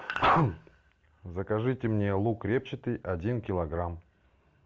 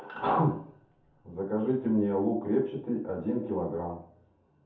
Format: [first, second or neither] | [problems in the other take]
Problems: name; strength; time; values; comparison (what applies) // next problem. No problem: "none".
first | room echo; dies away in 0.5 s